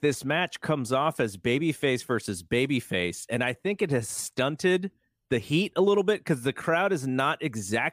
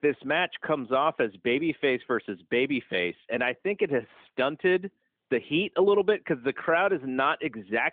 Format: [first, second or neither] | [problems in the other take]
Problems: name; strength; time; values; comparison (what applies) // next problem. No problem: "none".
first | phone-call audio; nothing above 3.5 kHz